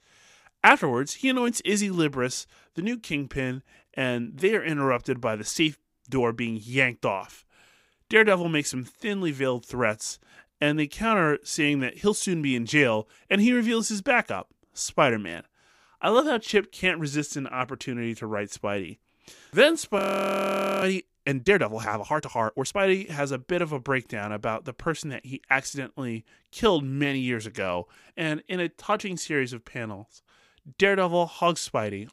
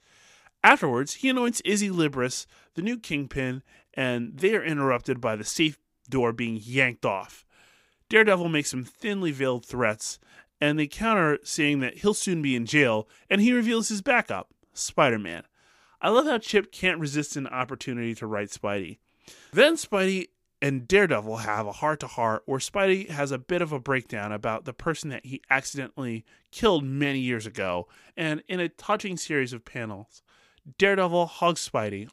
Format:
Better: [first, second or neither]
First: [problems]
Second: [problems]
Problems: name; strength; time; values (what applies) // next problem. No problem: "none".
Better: second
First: audio freezing; at 20 s for 1 s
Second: none